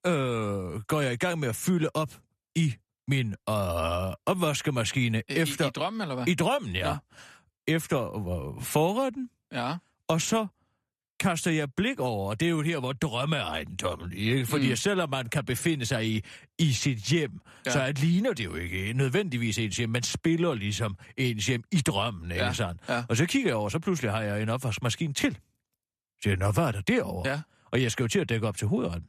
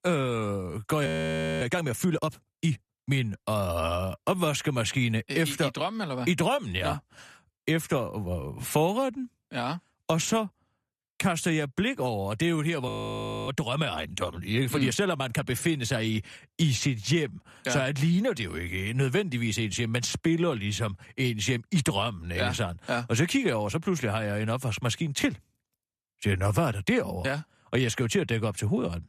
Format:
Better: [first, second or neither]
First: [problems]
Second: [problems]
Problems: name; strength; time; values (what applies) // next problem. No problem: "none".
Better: first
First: none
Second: audio freezing; at 1 s for 0.5 s and at 13 s for 0.5 s